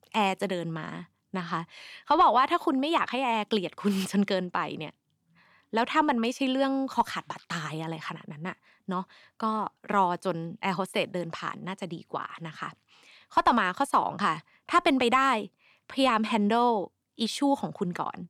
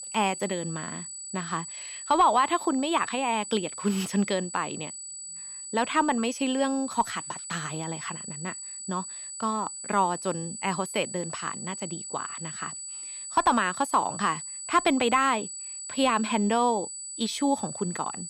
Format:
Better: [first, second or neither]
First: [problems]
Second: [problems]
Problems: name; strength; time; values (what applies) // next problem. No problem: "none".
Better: first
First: none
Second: high-pitched whine; loud; throughout; 8 kHz, 8 dB below the speech